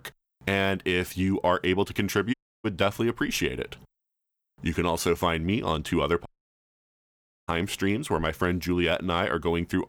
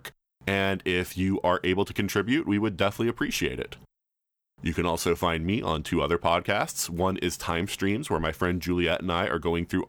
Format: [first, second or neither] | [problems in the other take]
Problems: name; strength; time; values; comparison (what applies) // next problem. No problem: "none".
second | audio cutting out; at 2.5 s and at 6.5 s for 1 s